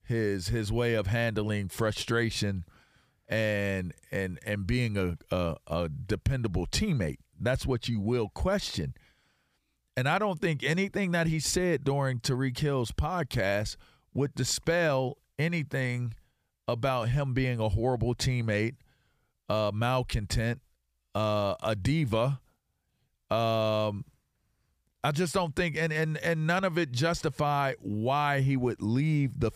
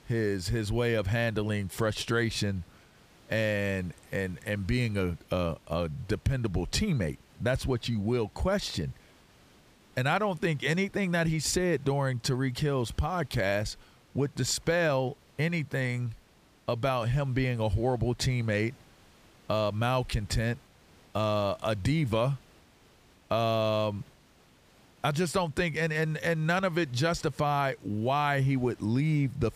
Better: first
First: none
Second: hiss; faint; throughout; 30 dB below the speech

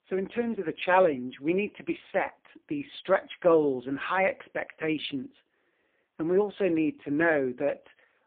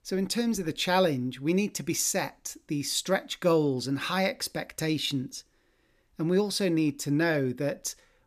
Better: second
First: phone-call audio; poor line; nothing above 3.5 kHz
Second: none

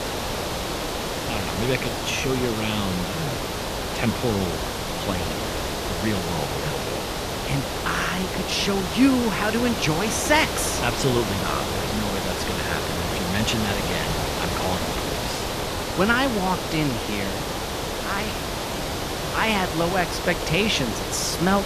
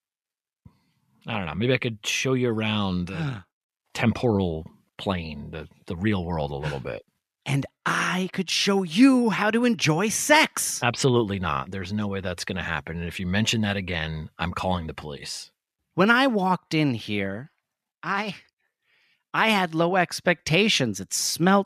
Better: second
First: hiss; loud; throughout; 1 dB below the speech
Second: none

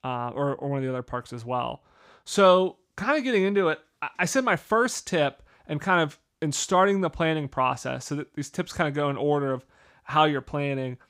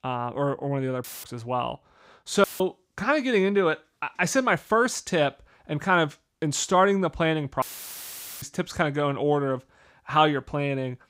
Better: first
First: none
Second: audio cutting out; filled with static; at 1 s, at 2.5 s and at 7.5 s for 1 s

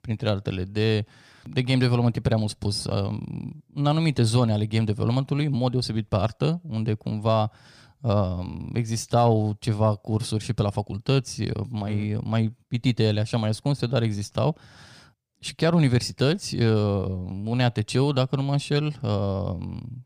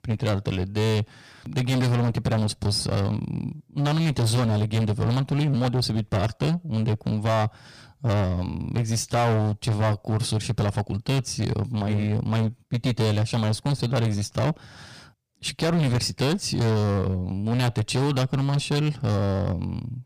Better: first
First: none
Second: distortion; heavy; 18% of the sound clipped

